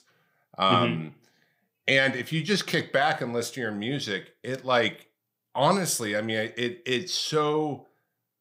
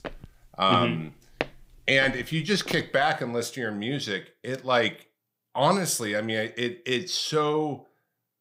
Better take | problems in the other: first | footsteps; noticeable; until 2.5 s; peak 8 dB below the speech

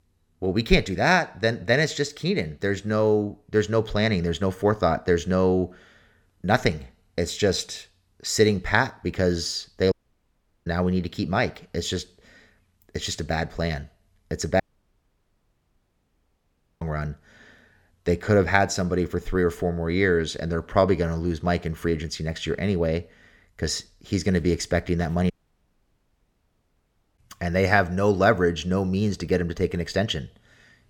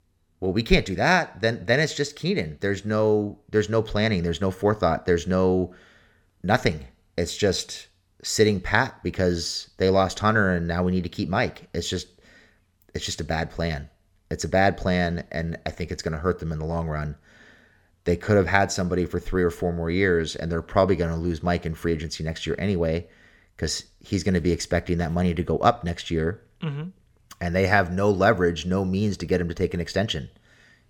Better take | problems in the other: second | audio cutting out; at 10 s for 0.5 s, at 15 s for 2 s and at 25 s for 2 s

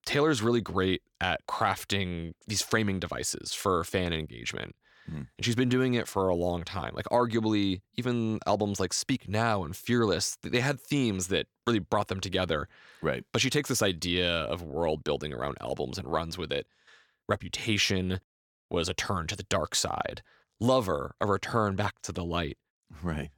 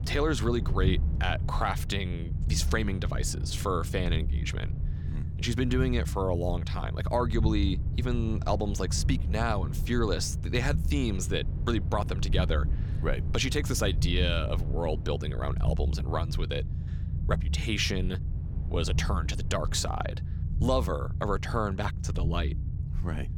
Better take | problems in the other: first | low rumble; noticeable; throughout; 15 dB below the speech

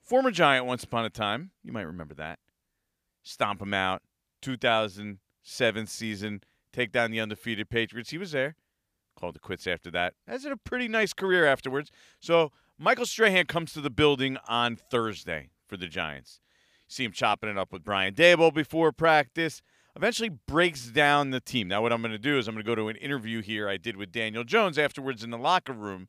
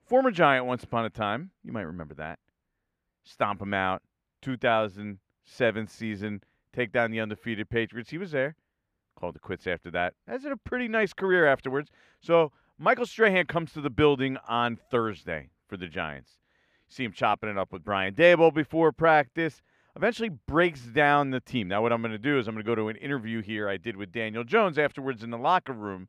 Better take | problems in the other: first | muffled; slightly; fading above 3 kHz

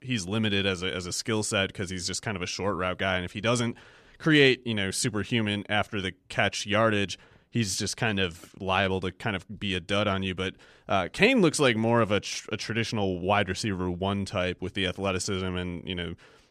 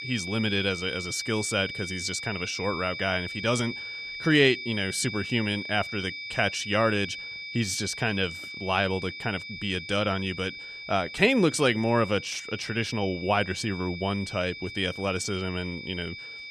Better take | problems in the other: first | high-pitched whine; loud; throughout; 2.5 kHz, 8 dB below the speech

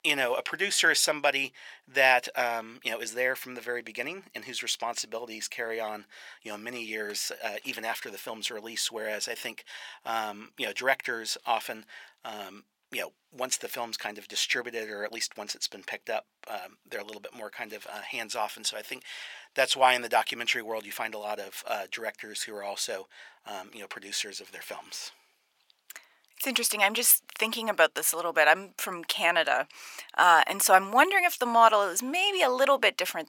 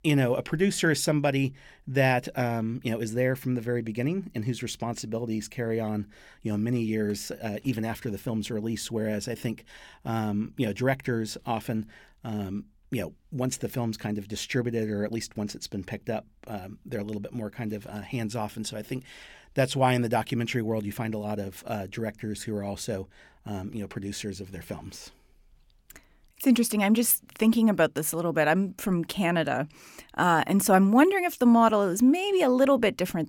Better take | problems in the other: second | thin; very; fading below 800 Hz

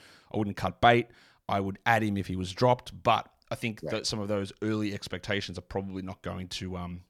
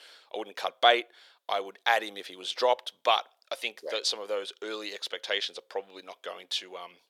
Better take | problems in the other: first | thin; very; fading below 450 Hz

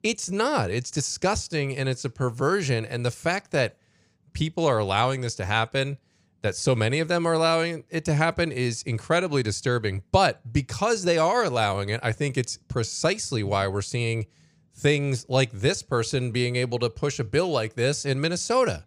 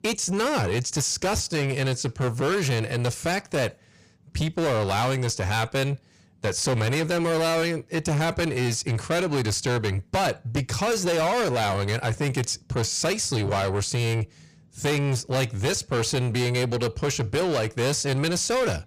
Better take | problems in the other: first | distortion; heavy; 6 dB below the speech

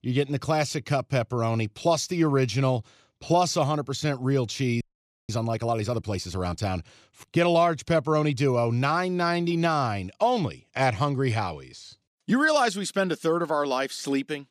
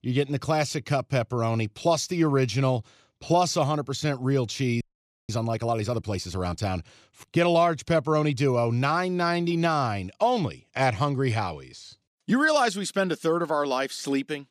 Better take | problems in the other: neither | audio freezing; at 5 s; the same in both

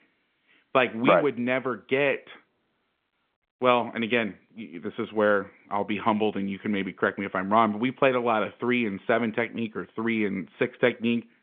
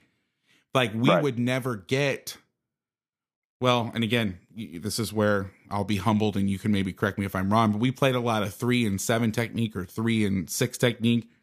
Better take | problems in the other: second | phone-call audio; nothing above 3.5 kHz

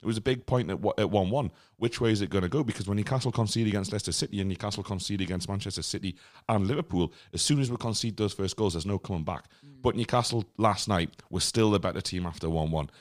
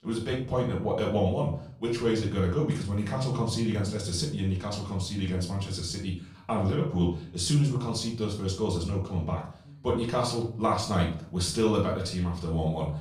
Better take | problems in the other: first | room echo; slight; dies away in 0.4 s // off-mic speech; far

